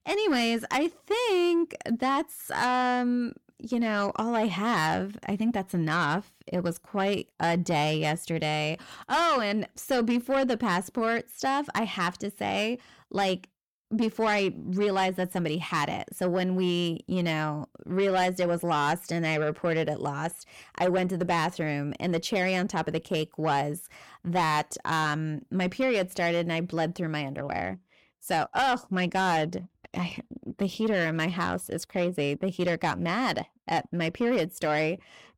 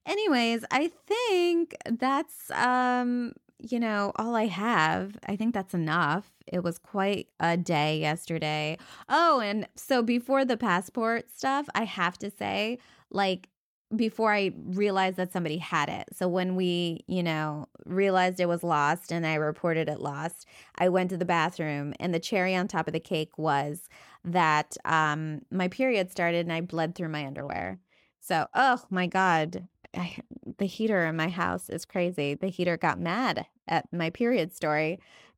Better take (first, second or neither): second